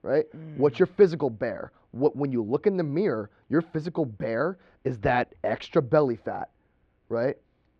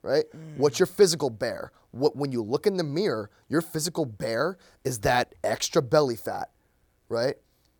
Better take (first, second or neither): second